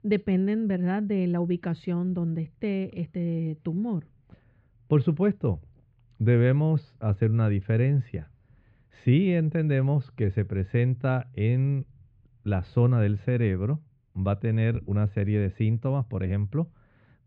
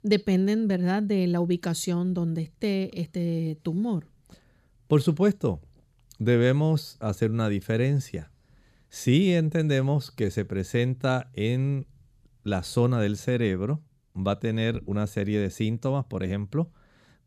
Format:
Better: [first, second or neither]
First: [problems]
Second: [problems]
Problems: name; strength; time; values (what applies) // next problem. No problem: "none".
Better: second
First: muffled; very; fading above 2.5 kHz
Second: none